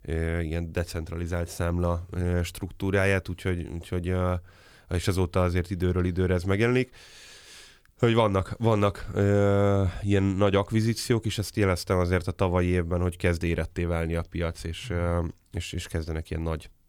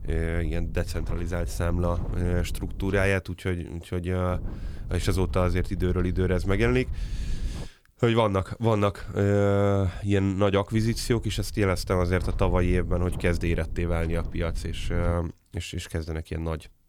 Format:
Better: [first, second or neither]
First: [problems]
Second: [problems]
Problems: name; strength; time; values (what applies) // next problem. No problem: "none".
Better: first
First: none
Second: wind noise on the microphone; occasional gusts; until 3 s, from 4.5 to 7.5 s and from 11 to 15 s; 20 dB below the speech